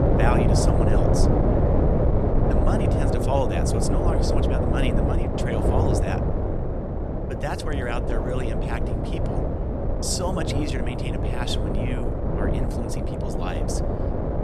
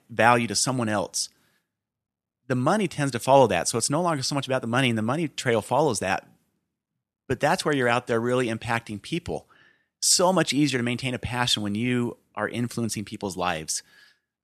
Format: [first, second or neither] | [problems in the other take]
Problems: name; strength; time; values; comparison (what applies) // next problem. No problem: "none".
second | wind noise on the microphone; heavy; 3 dB above the speech